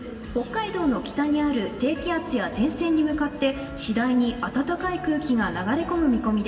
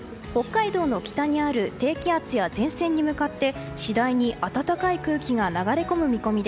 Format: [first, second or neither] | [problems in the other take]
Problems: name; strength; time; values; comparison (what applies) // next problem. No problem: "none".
second | room echo; dies away in 2.7 s